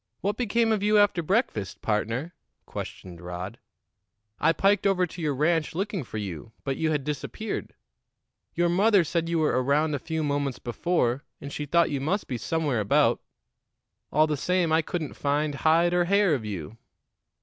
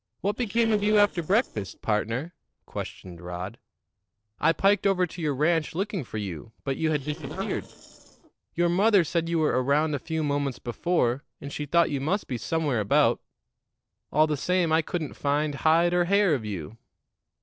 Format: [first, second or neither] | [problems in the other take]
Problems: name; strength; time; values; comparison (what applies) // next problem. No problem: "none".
first | noise reduction (neural separator model SepFormer DNS4)